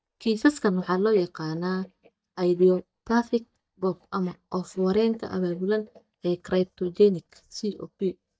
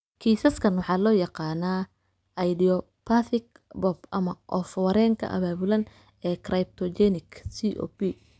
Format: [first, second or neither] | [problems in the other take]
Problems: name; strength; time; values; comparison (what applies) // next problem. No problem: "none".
second | noise reduction (neural mask model DeepFilterNet 3)